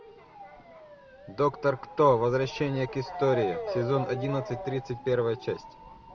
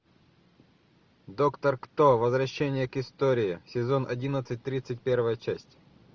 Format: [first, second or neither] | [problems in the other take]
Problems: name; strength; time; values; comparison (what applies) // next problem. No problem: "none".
second | background sound (Motor vehicle (road) / Siren); 10 dB below the speech